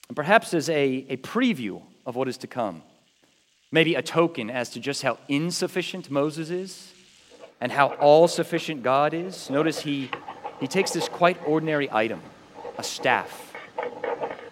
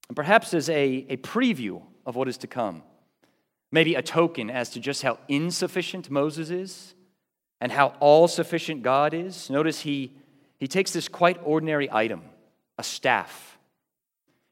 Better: second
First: household noises; noticeable; throughout; 15 dB below the speech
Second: none

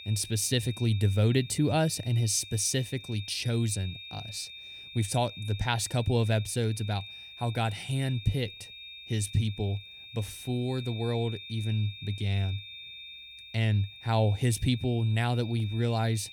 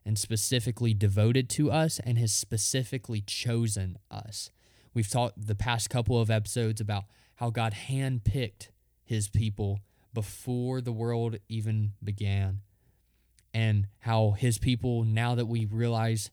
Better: second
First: high-pitched whine; noticeable; throughout; 3.5 kHz, 15 dB below the speech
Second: none

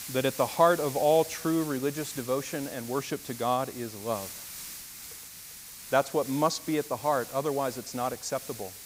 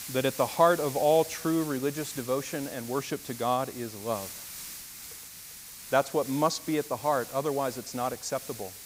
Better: neither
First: hiss; noticeable; throughout; 10 dB below the speech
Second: hiss; noticeable; throughout; 10 dB below the speech

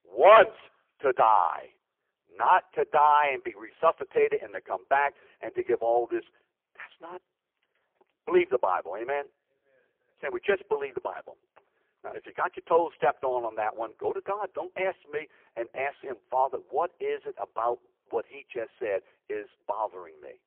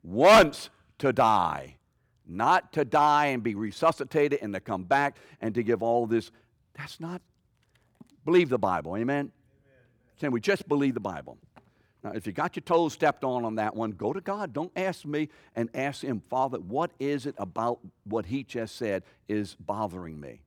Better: second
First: phone-call audio; poor line; nothing above 3 kHz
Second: none

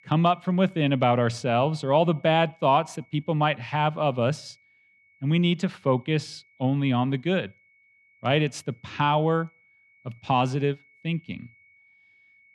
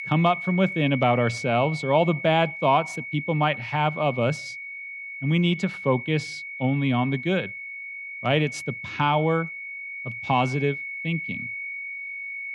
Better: first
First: high-pitched whine; faint; throughout; 2 kHz, 35 dB below the speech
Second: high-pitched whine; loud; throughout; 2 kHz, 9 dB below the speech

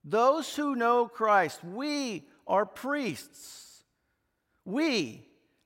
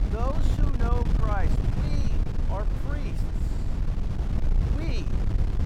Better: first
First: none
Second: wind noise on the microphone; heavy; 3 dB below the speech

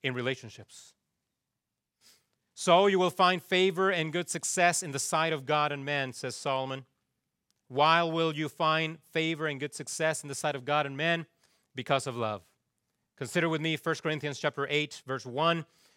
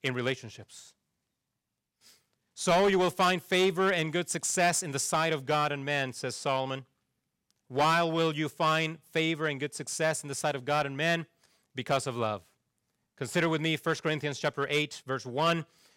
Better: first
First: none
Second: distortion; slight; 4% of the sound clipped

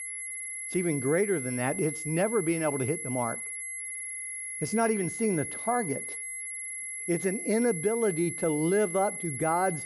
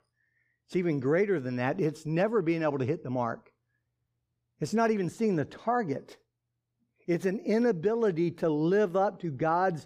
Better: second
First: high-pitched whine; loud; throughout; 11 kHz, 5 dB below the speech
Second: none

